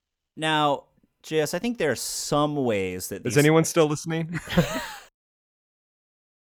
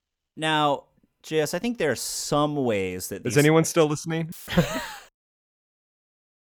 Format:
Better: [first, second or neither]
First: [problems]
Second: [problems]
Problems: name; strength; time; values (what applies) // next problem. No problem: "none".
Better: first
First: none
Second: audio cutting out; filled with static; at 4.5 s